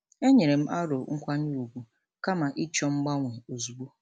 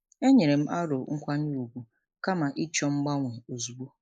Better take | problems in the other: first | noise reduction (neural mask model Resemble Enhance denoiser)

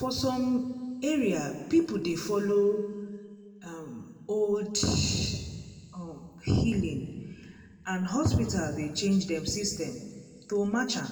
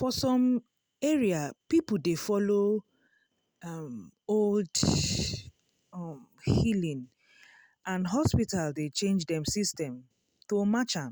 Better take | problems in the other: second | room echo; dies away in 1.4 s

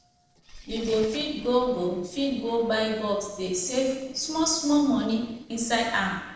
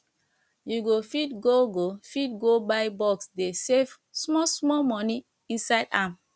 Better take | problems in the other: second | noise reduction (neural separator model SepFormer DNS4)

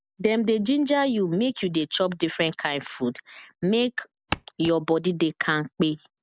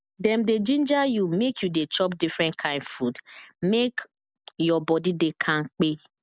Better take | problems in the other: second | background sound (Walk, footsteps); 7 dB below the speech

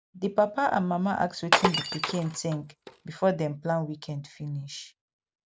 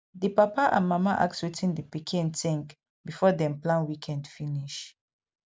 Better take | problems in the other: second | background sound (Glass); 1 dB below the speech

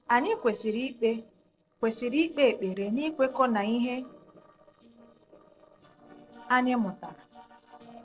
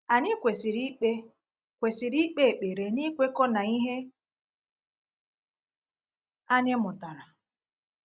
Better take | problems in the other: second | noise reduction (neural separator model SepFormer DNS4)

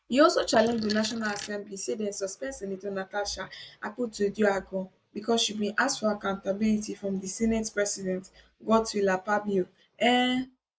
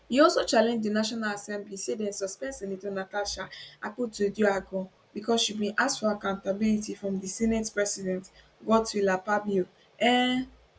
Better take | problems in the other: second | noise reduction (neural mask model Resemble Enhance denoiser)

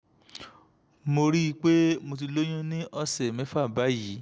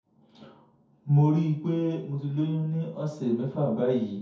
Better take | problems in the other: first | room echo; dies away in 0.6 s

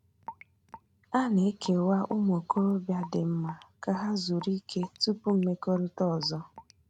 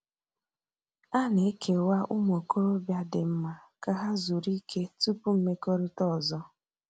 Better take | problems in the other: second | background sound (Raindrop / Drip); 19 dB below the speech

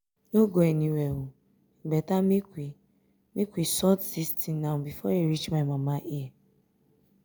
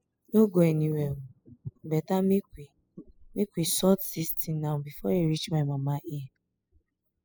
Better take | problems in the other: first | noise reduction (classical method spectral subtraction)

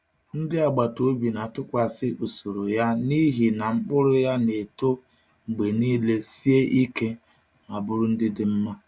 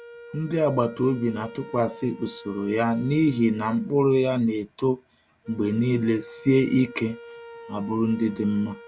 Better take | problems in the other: first | background sound (Wind instrument, woodwind instrument); 20 dB below the speech

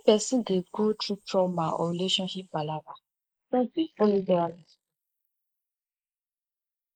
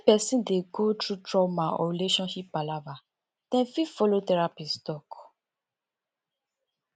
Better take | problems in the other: second | noise reduction (neural mask model Resemble Enhance denoiser)

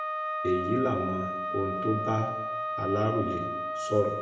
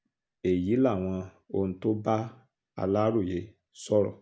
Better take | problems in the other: second | background sound (Wind instrument, woodwind instrument); 2 dB below the speech // room echo; dies away in 0.8 s

